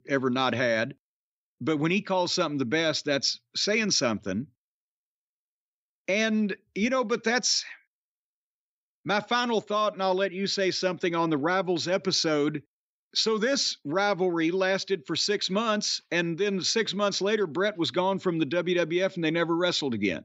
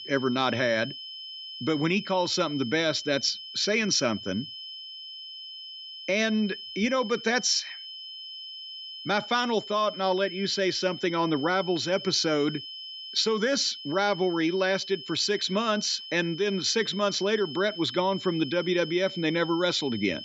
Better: first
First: none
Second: high-pitched whine; noticeable; throughout; 3 kHz, 10 dB below the speech

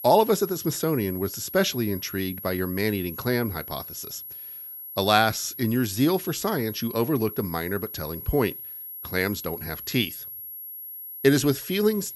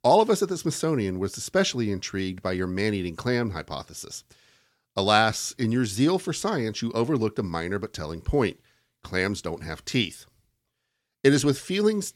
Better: second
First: high-pitched whine; noticeable; throughout; 11.5 kHz, 10 dB below the speech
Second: none

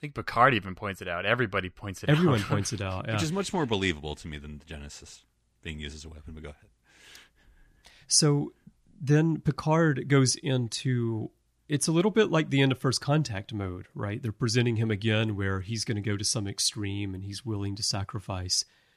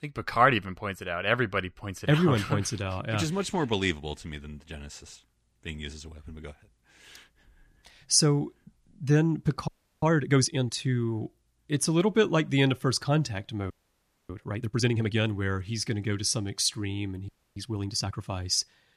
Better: first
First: none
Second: audio freezing; at 9.5 s, at 14 s for 0.5 s and at 17 s

